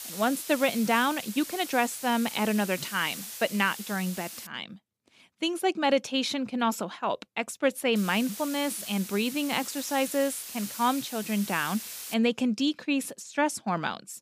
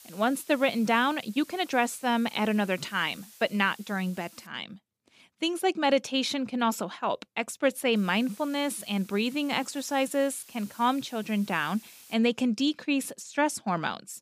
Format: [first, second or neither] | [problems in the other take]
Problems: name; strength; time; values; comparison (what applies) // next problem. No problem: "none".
second | hiss; loud; until 4.5 s and from 8 to 12 s; 10 dB below the speech; faint in the second